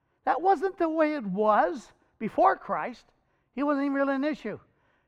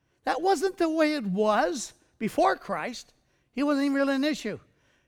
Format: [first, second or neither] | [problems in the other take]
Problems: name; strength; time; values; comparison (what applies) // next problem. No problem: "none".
second | muffled; very; fading above 3.5 kHz